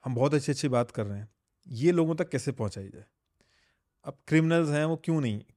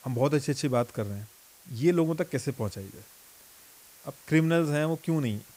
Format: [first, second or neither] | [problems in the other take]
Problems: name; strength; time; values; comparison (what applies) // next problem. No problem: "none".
first | hiss; faint; throughout; 25 dB below the speech